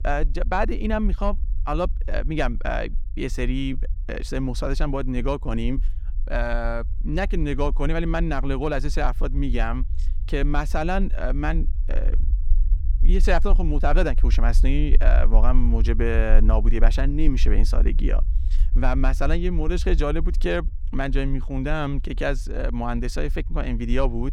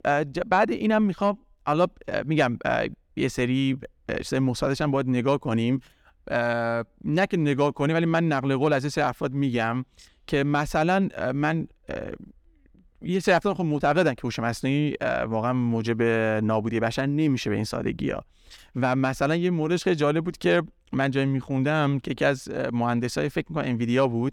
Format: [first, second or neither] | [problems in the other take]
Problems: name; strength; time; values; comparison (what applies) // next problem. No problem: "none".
second | low rumble; faint; throughout; 20 dB below the speech